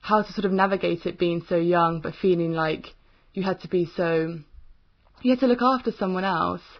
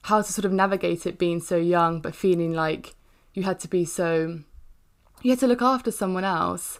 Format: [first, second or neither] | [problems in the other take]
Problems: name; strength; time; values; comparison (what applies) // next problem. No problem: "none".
second | garbled, watery; badly; nothing above 5.5 kHz